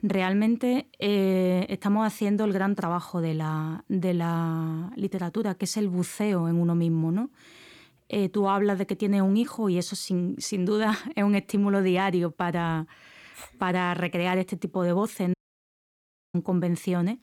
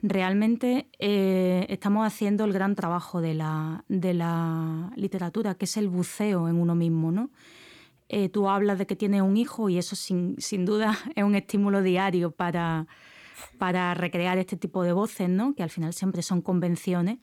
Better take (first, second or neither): second